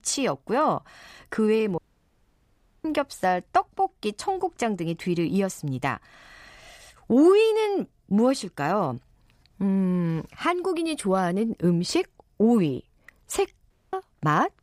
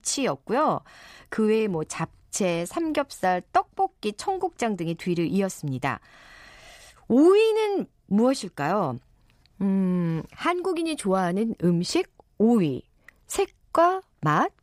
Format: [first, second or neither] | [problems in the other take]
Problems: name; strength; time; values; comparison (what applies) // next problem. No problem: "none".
second | audio cutting out; at 2 s for 1 s and at 14 s